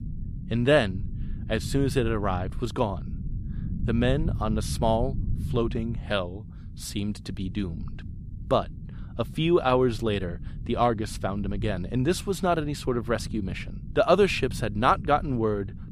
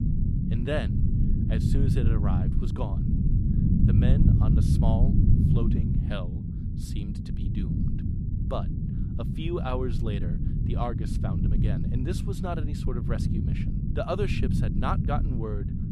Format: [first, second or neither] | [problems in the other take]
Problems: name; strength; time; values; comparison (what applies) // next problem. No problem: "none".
first | low rumble; loud; throughout; 2 dB below the speech; faint in the first